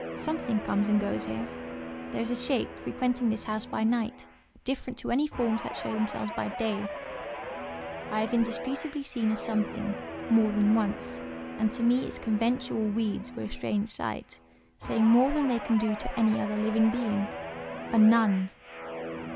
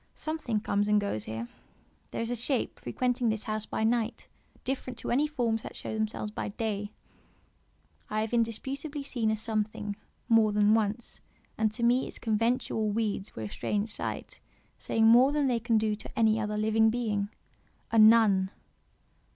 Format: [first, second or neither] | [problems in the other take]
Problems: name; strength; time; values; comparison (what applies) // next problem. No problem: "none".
second | background sound (Guitar); 10 dB below the speech